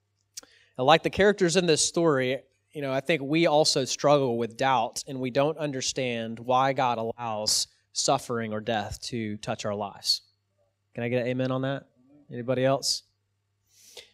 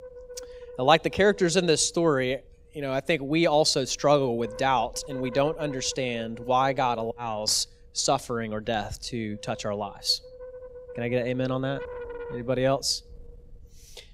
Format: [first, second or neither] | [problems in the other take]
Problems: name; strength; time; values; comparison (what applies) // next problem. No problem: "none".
first | wind noise on the microphone; occasional gusts; 15 dB below the speech